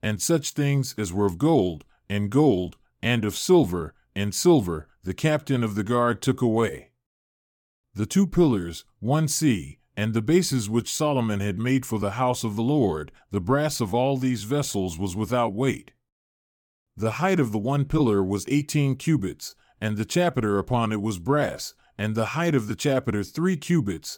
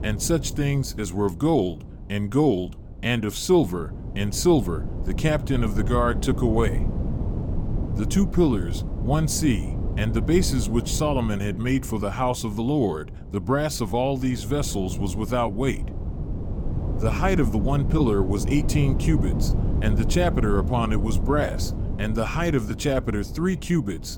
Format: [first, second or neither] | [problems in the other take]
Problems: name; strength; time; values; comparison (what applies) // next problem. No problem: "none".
first | wind noise on the microphone; occasional gusts; 10 dB below the speech